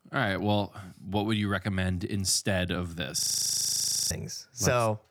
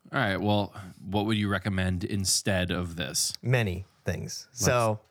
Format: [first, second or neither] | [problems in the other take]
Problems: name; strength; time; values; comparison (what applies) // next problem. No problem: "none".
second | audio freezing; at 3 s for 1 s